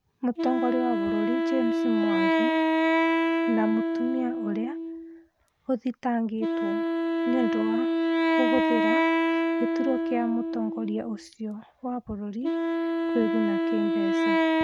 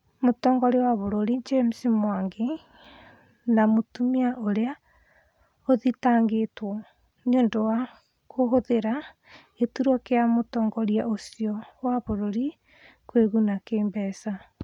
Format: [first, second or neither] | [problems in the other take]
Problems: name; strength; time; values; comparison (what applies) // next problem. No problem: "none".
second | background sound (Wind instrument, woodwind instrument); 5 dB above the speech